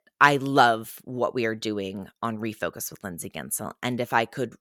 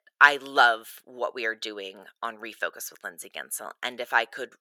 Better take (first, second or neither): first